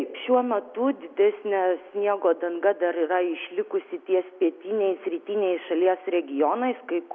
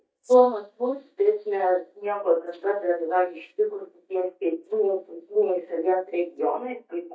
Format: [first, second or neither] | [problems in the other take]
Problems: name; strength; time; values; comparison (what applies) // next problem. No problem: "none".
first | noise reduction (neural mask model DeepFilterNet 3)